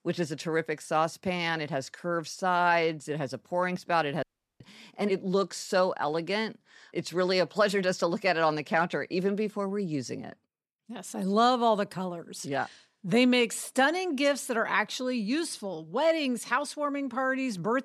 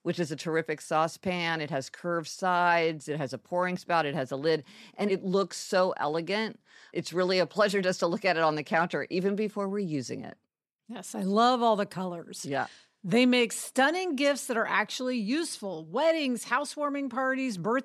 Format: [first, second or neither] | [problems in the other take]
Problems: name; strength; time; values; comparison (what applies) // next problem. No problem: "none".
second | audio cutting out; at 4 s